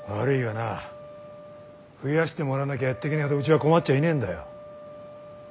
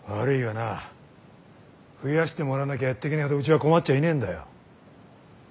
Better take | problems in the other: second | background sound (Wind instrument, woodwind instrument); 17 dB below the speech

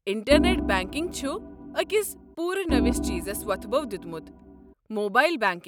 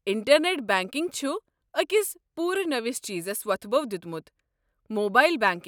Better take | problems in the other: second | background sound (Organ); 2 dB below the speech

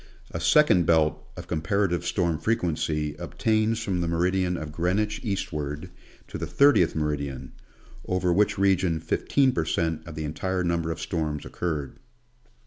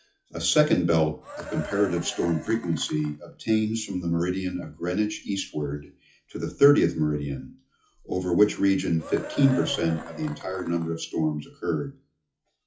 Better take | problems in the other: first | noise reduction (classical method WPE with log-MMSE)

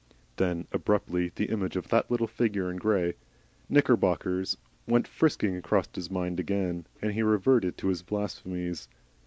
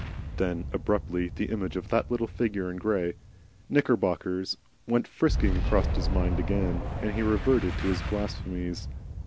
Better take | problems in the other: first | background sound (Boom); 3 dB below the speech

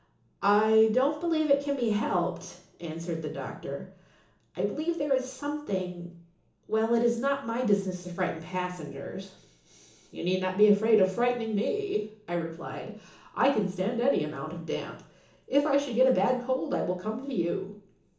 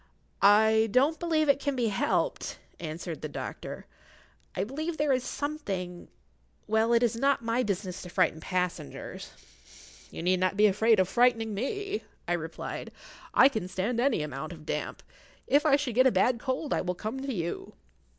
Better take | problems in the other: second | room echo; dies away in 0.8 s

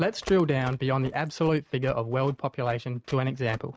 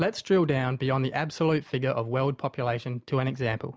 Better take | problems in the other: second | noise reduction (neural mask model RNNoise)

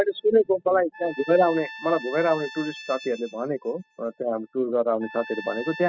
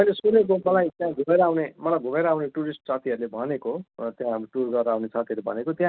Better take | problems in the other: second | noise reduction (classical method spectral subtraction)

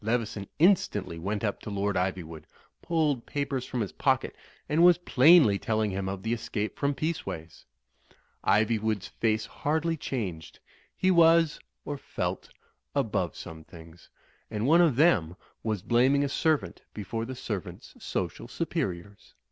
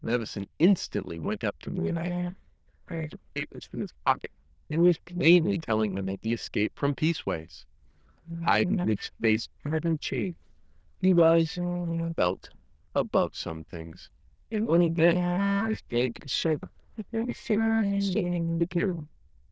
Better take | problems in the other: first | noise reduction (neural diffusion model UNIVERSE++)

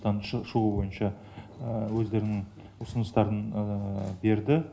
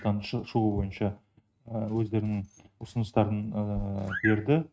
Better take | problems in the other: first | noise reduction (neural mask model RNNoise)

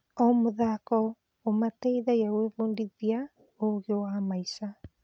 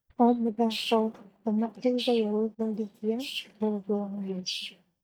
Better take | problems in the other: first | noise reduction (neural mask model DeepFilterNet 3)

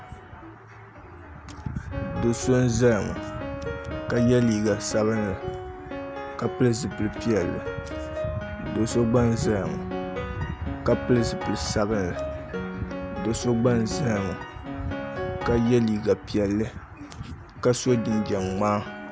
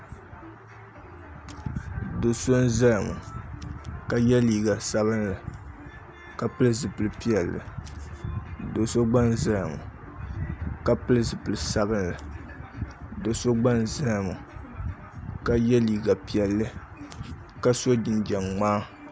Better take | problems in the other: second | background sound (Piano); 9 dB below the speech

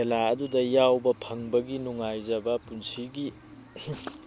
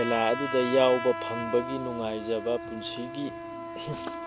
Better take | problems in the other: first | background sound (Trumpet); 7 dB below the speech

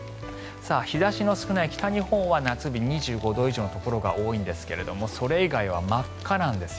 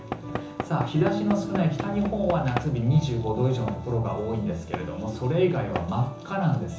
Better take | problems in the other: first | background sound (Knock / Wood); 12 dB below the speech // room echo; dies away in 0.7 s

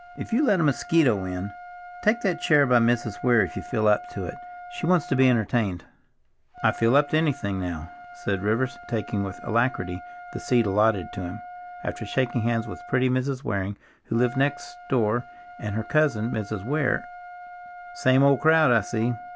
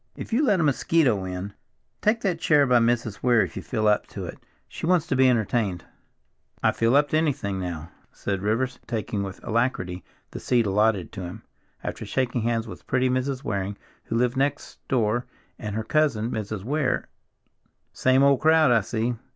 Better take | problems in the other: second | background sound (Trumpet); 16 dB below the speech

